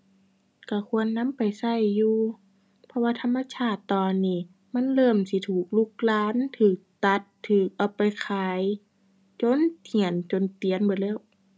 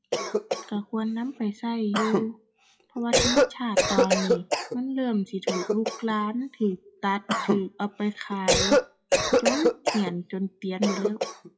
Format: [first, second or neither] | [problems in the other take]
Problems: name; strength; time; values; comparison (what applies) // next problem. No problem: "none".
first | noise reduction (classical method WPE with log-MMSE)